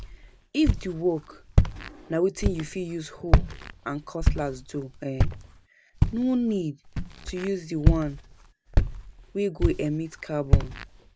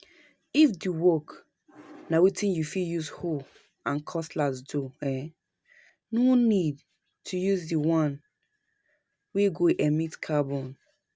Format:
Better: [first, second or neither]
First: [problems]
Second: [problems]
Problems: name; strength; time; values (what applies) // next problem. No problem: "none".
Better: second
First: background sound (Walk, footsteps); 3 dB above the speech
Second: none